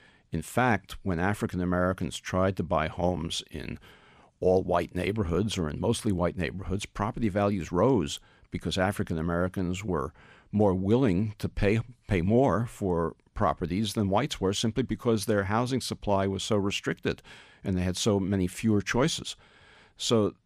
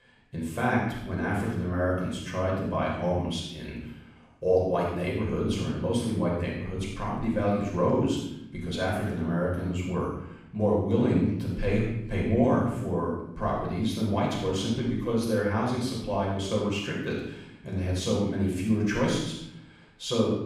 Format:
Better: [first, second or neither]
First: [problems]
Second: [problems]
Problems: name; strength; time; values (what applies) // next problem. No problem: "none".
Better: first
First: none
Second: off-mic speech; far // room echo; strong; dies away in 0.7 s